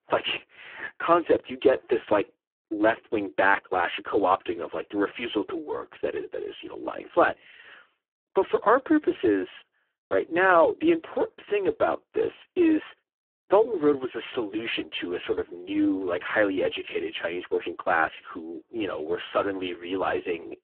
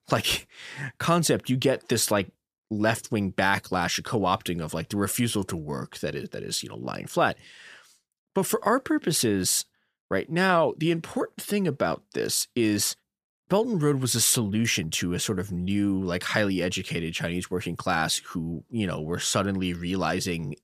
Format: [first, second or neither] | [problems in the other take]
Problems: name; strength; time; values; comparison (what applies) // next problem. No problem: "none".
second | phone-call audio; poor line